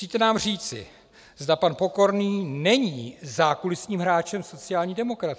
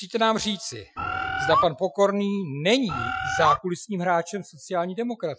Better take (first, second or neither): first